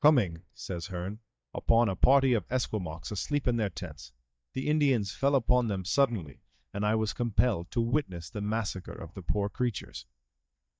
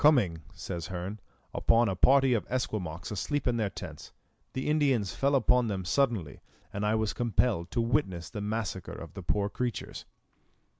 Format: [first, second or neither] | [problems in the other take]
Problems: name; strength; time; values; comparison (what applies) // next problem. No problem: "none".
second | noise reduction (neural mask model DeepFilterNet 3)